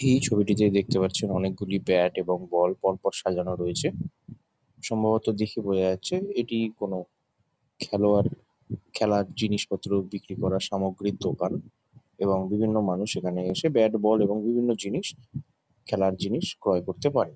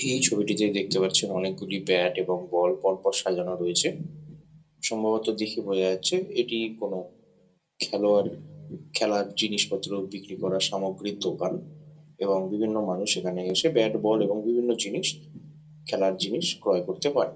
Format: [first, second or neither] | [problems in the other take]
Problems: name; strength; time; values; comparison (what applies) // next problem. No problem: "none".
first | room echo; dies away in 0.2 s